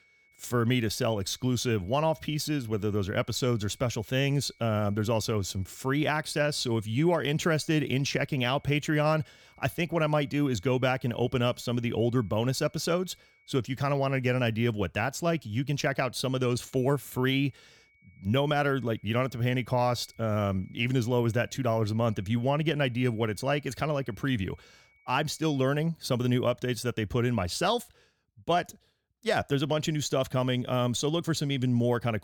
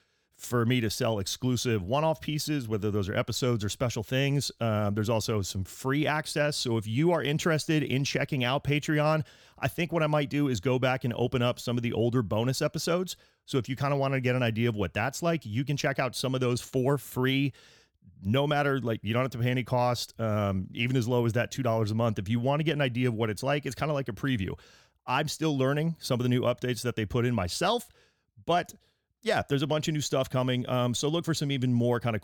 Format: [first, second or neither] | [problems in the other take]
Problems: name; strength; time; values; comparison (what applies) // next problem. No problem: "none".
second | high-pitched whine; faint; until 14 s and from 17 to 26 s; 2 kHz, 35 dB below the speech